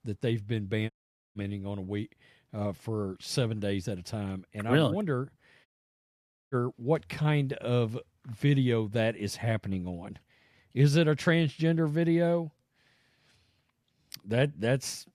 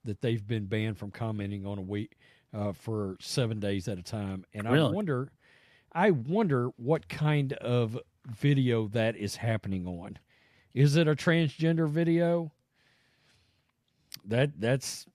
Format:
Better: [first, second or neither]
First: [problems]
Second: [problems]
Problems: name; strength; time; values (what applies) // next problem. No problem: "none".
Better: second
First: audio cutting out; at 1 s and at 5.5 s for 1 s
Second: none